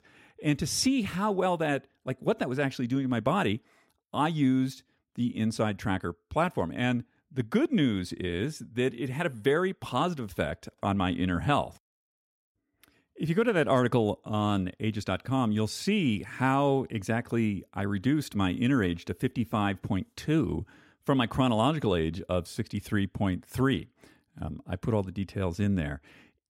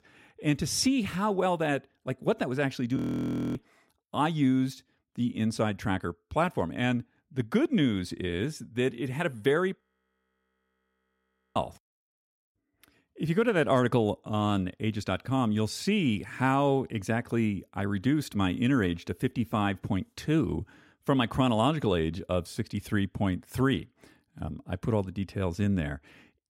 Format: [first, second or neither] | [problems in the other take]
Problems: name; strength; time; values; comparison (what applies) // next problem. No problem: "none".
first | audio freezing; at 3 s for 0.5 s and at 10 s for 2 s